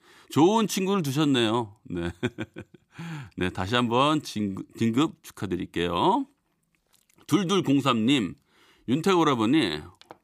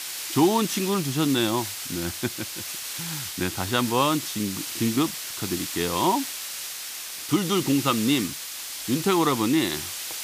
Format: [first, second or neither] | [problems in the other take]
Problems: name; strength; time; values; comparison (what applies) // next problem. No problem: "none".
first | hiss; loud; throughout; 6 dB below the speech